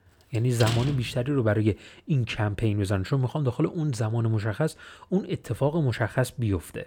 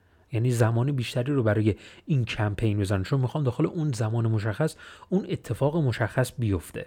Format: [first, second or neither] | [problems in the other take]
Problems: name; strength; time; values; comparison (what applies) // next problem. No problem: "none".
second | door banging; noticeable; at 0.5 s; peak 4 dB below the speech